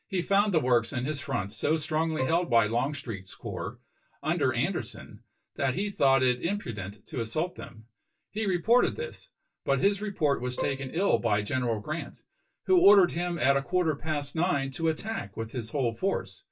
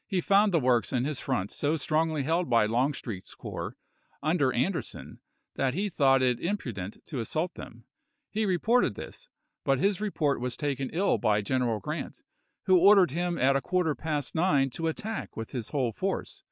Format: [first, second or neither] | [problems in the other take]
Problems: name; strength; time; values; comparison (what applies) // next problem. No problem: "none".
second | background sound (Bowed string instrument); 11 dB below the speech // room echo; dies away in 0.1 s